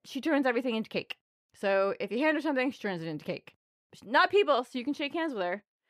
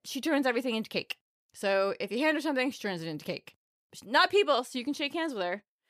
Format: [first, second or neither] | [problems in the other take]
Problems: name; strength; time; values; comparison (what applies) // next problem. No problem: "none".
second | muffled; very slightly; fading above 3.5 kHz